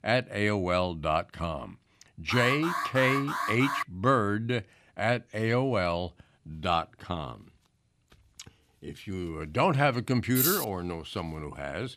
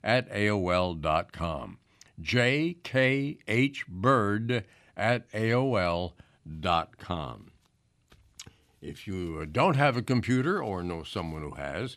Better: second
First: alarm; noticeable; from 2.5 to 4 s; peak 2 dB below the speech // jangling keys; loud; at 10 s; peak 3 dB above the speech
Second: none

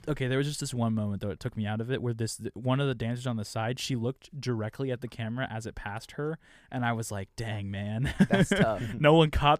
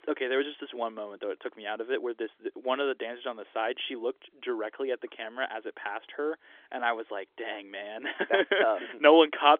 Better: first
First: none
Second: phone-call audio; nothing above 3.5 kHz

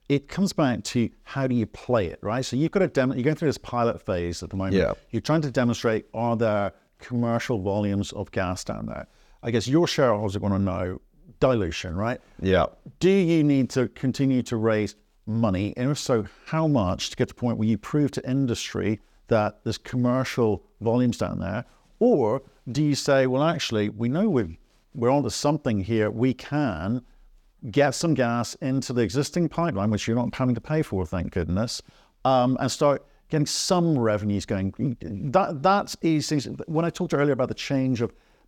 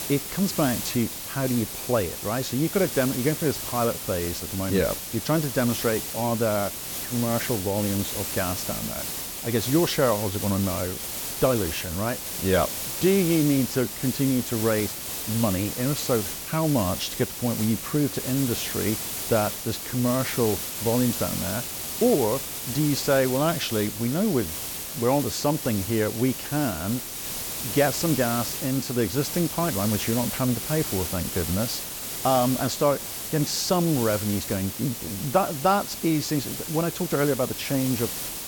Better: first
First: none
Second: hiss; loud; throughout; 4 dB below the speech

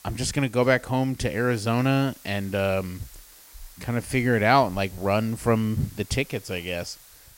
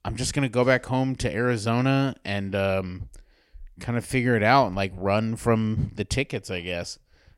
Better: second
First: hiss; faint; throughout; 20 dB below the speech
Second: none

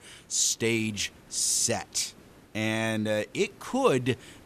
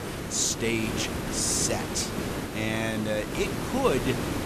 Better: first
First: hiss; faint; throughout; 25 dB below the speech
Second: hiss; loud; throughout; 4 dB below the speech

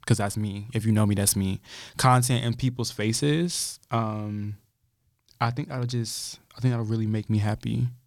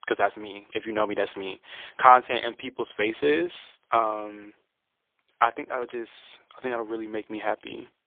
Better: first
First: none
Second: phone-call audio; poor line; nothing above 3.5 kHz

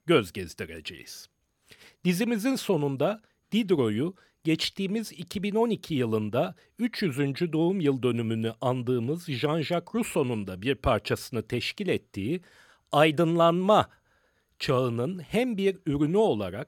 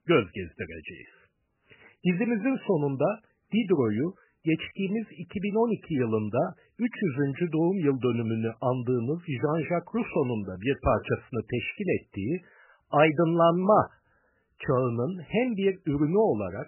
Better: first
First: none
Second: garbled, watery; badly; nothing above 3 kHz

